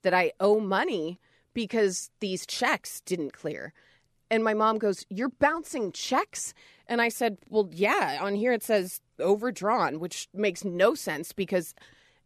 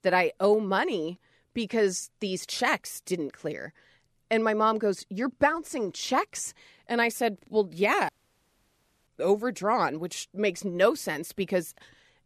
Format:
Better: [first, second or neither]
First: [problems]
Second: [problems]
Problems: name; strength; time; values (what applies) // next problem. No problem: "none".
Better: first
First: none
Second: audio cutting out; at 8 s for 1 s